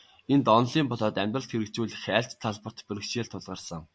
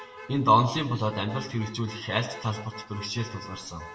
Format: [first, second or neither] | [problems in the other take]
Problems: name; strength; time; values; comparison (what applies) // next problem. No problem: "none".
first | background sound (Motor vehicle (road)); 17 dB below the speech // room echo; dies away in 0.9 s